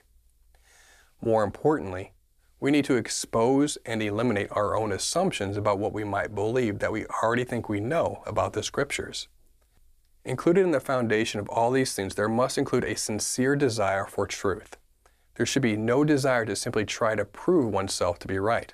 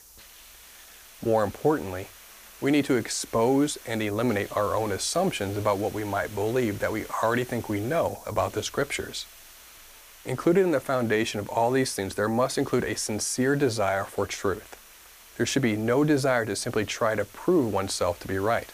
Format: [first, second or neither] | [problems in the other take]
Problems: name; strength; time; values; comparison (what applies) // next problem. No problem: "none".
first | hiss; noticeable; throughout; 20 dB below the speech